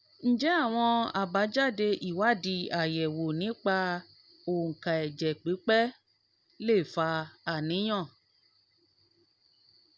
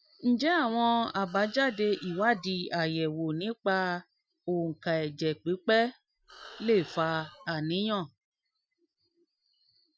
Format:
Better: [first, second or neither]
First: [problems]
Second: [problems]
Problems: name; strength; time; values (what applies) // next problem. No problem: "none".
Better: first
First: none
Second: noise reduction (classical method Wiener filter)